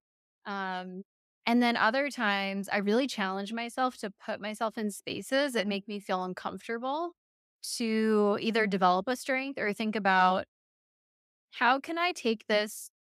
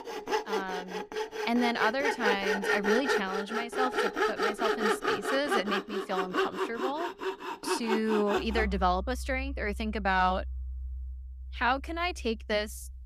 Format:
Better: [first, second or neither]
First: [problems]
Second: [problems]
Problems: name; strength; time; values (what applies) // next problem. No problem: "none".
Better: first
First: none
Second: machinery noise; loud; throughout; 1 dB below the speech